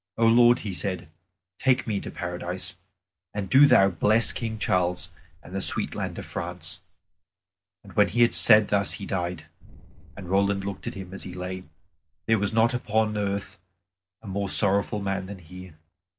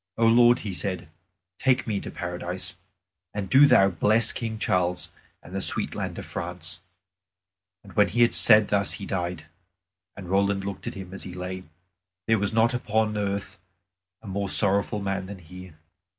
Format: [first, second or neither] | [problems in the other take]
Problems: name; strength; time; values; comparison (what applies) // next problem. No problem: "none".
second | noise reduction (neural separator model SepFormer DNS4)